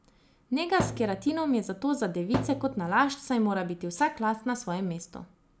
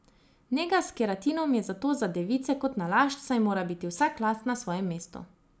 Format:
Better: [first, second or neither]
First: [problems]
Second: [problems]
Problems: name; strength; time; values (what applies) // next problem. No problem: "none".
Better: second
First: background sound (Thump, thud); 7 dB below the speech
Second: none